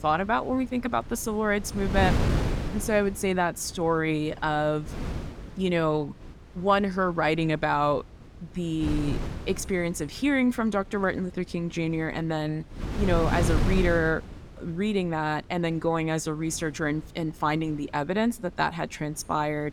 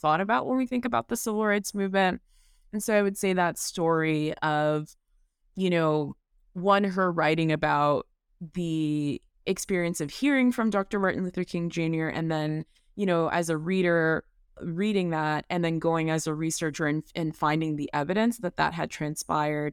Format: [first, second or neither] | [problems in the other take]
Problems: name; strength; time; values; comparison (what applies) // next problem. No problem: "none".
second | wind noise on the microphone; occasional gusts; 10 dB below the speech